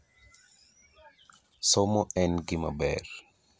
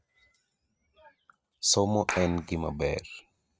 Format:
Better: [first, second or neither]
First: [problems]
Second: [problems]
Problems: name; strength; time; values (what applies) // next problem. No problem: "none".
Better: first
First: none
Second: noise reduction (neural mask model RNNoise)